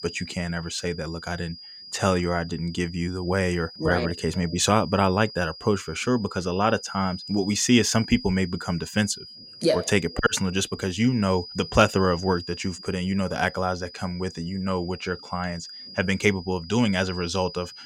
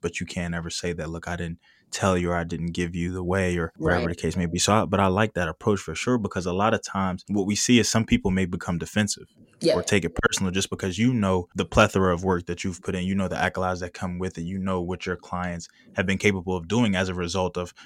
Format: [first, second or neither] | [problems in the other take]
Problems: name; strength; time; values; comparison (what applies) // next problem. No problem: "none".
second | high-pitched whine; noticeable; throughout; 5 kHz, 15 dB below the speech